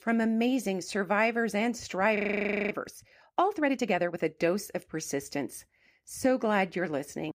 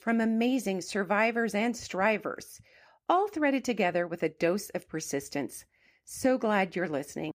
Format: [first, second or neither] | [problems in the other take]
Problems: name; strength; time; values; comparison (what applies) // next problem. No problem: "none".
second | audio freezing; at 2 s for 0.5 s